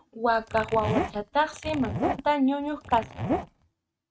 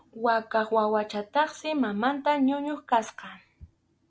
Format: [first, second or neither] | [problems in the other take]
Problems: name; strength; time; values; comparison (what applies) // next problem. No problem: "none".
second | noise reduction (neural mask model RNNoise)